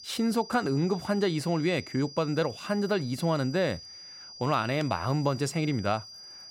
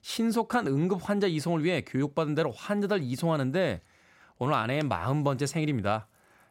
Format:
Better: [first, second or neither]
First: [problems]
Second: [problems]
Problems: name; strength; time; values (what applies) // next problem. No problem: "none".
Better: second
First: high-pitched whine; noticeable; throughout; 5 kHz, 15 dB below the speech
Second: none